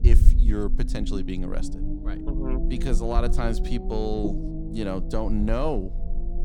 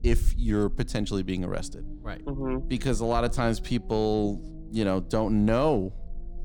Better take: second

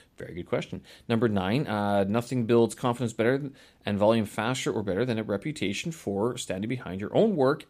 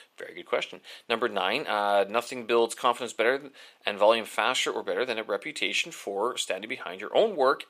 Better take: first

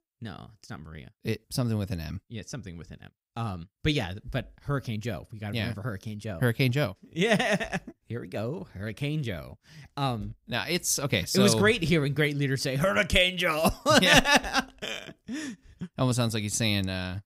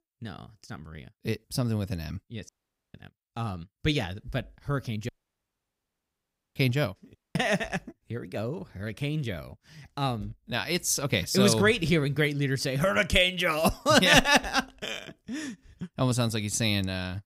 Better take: first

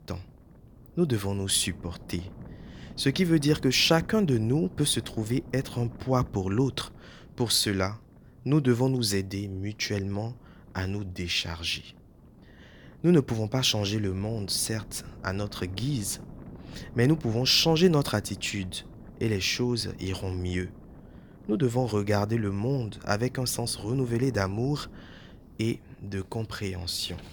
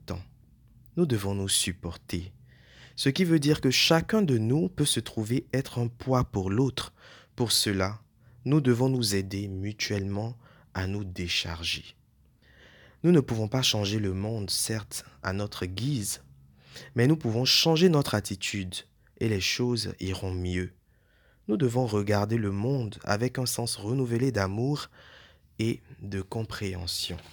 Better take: second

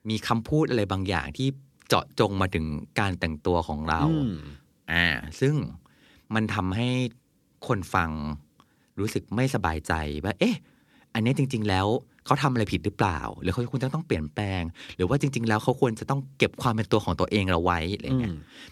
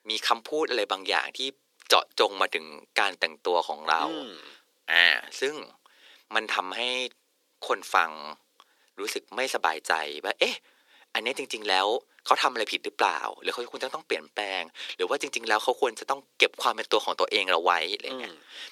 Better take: first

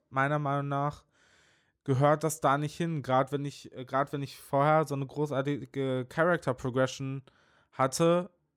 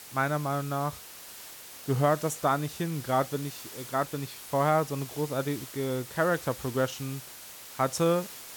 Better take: first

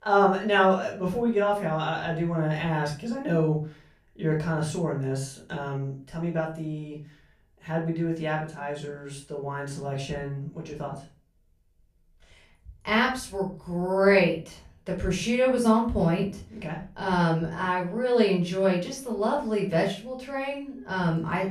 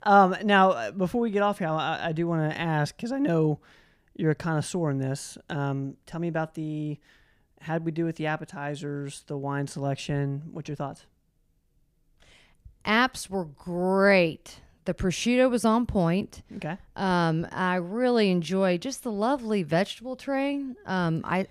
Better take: second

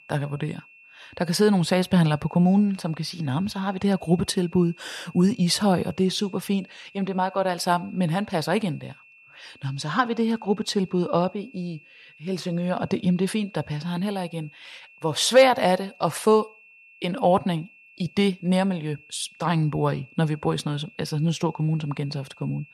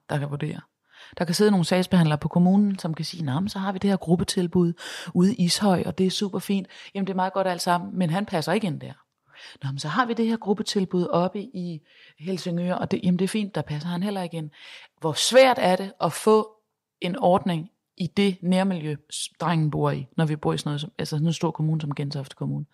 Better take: second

